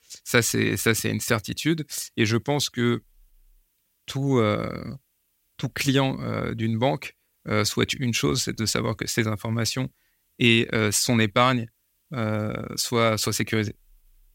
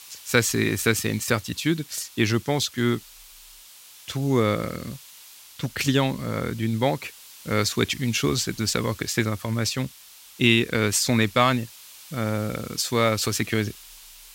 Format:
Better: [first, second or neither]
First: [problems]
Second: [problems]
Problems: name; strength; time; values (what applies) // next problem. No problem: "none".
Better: first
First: none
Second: hiss; noticeable; throughout; 20 dB below the speech